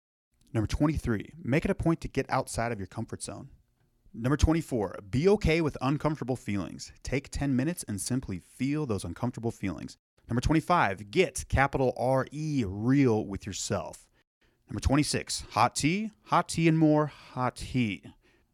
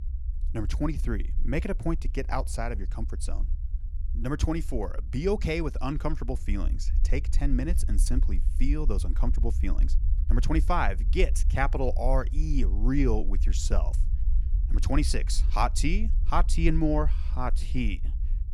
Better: first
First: none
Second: low rumble; noticeable; throughout; 20 dB below the speech

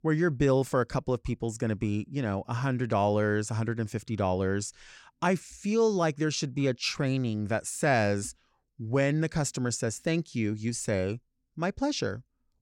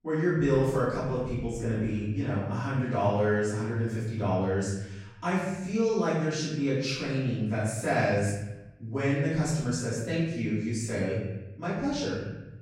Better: first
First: none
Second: off-mic speech; far // room echo; strong; dies away in 1.1 s

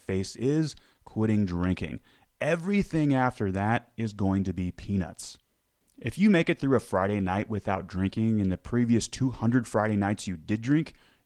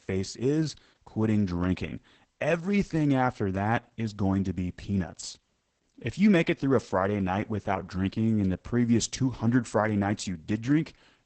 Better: first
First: garbled, watery; slightly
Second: garbled, watery; badly; nothing above 8 kHz

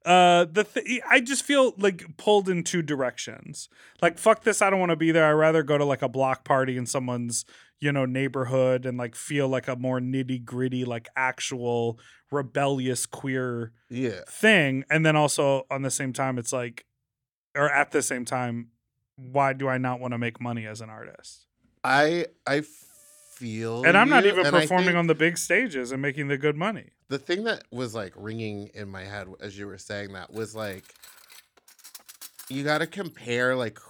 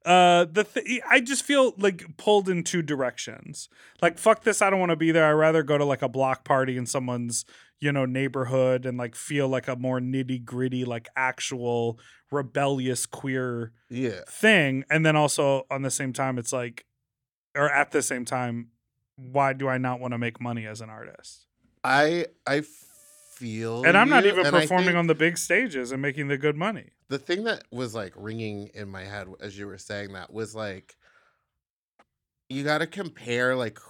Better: second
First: clattering dishes; faint; from 30 to 33 s; peak 20 dB below the speech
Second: none

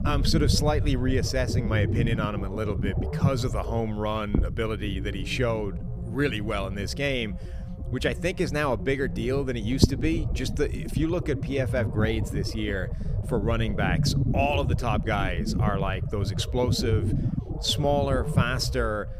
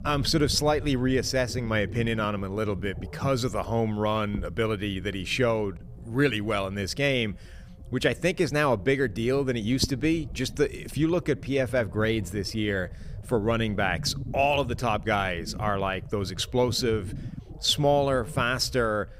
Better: second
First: low rumble; loud; throughout; 10 dB below the speech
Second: low rumble; faint; throughout; 20 dB below the speech

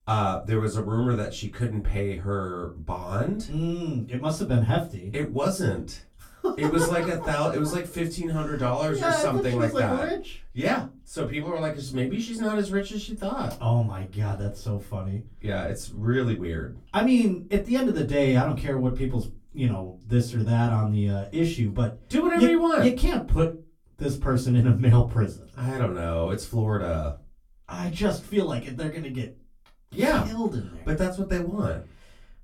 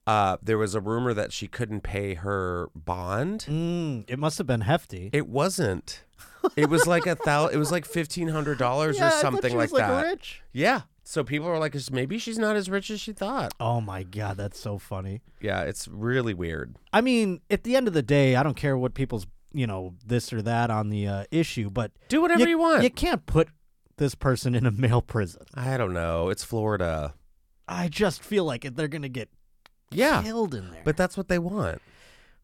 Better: second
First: off-mic speech; far // room echo; very slight; dies away in 0.2 s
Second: none

